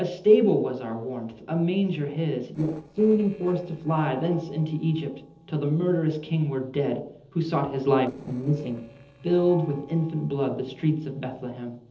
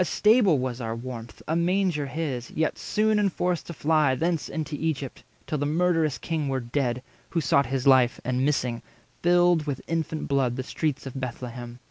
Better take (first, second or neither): second